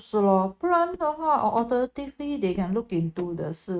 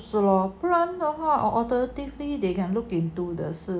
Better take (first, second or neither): second